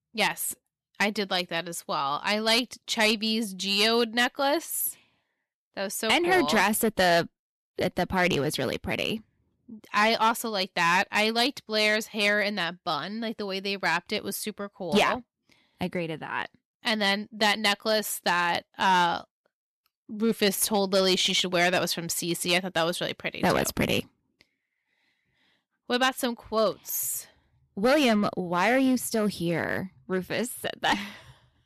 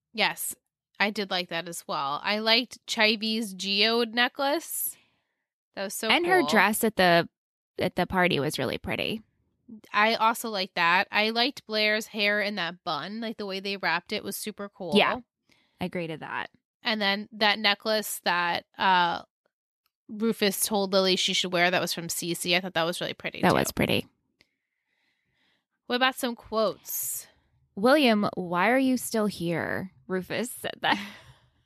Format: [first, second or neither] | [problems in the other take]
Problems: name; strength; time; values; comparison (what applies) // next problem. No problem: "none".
second | distortion; slight; 3% of the sound clipped